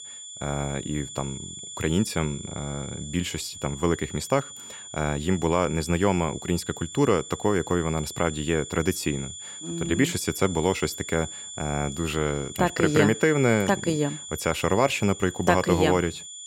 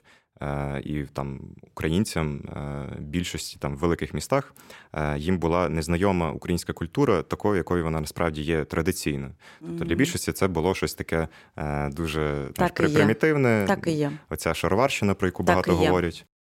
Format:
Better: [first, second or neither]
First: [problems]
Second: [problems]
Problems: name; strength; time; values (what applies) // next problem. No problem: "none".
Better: second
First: high-pitched whine; noticeable; throughout; 7 kHz, 10 dB below the speech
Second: none